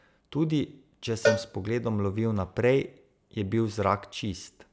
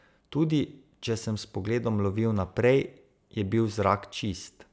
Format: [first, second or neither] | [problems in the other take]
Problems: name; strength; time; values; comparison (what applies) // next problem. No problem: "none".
second | background sound (Cowbell); 4 dB below the speech